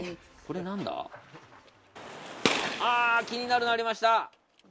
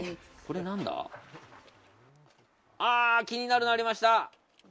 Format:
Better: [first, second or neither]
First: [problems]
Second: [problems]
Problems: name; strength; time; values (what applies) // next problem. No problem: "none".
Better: second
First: background sound (Gunshot, gunfire); 3 dB below the speech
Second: none